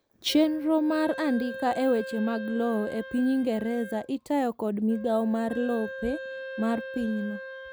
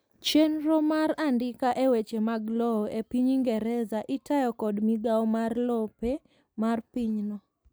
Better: second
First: background sound (Wind instrument, woodwind instrument); 12 dB below the speech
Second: none

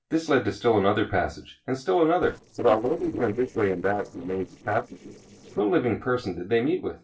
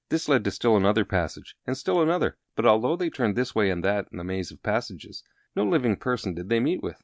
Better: second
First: noise reduction (neural separator model SepFormer DNS4)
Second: none

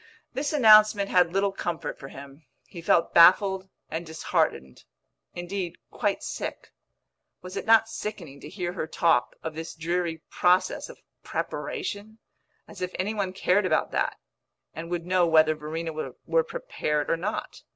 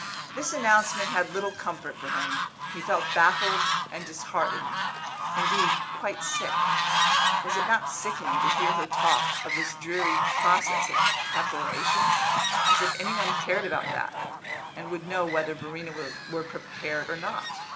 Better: first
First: none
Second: background sound (Fowl); 3 dB above the speech // room echo; dies away in 0.4 s

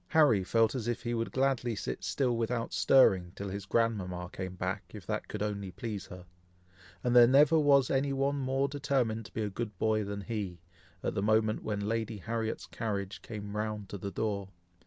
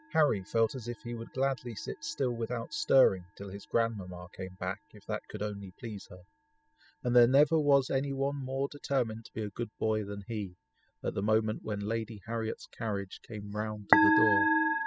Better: first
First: none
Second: noise reduction (classical method spectral subtraction)

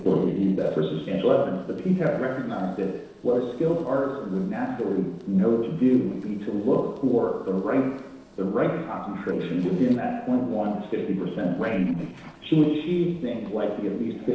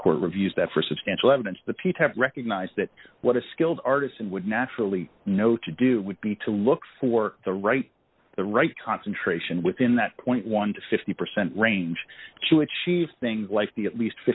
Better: second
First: noise reduction (neural separator model SepFormer DNS4)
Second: none

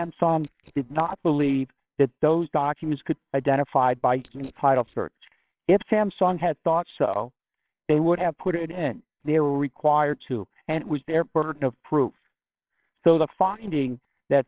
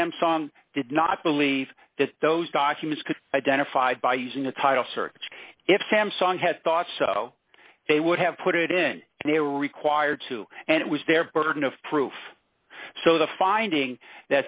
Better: second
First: noise reduction (neural separator model SepFormer WHAMR!)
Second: none

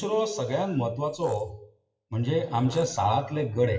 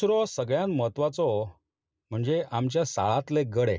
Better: second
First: noise reduction (classical method WPE with log-MMSE)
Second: none

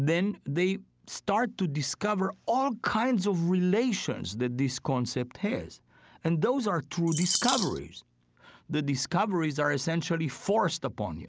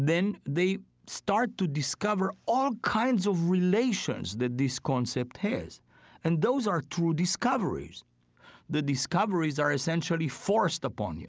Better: second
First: background sound (Bird vocalization, bird call, bird song); 3 dB below the speech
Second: none

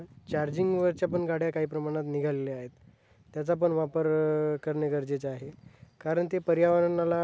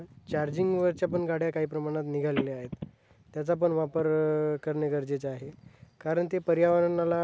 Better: first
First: none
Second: background sound (Telephone); 12 dB below the speech

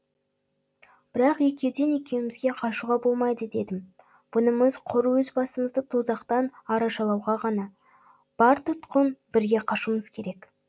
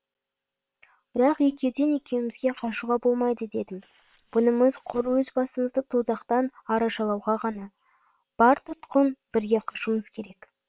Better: first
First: none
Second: noise reduction (neural separator model SepFormer WHAM!)

